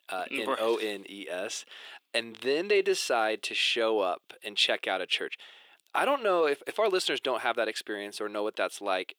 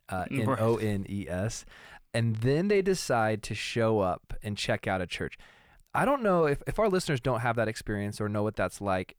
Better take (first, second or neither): second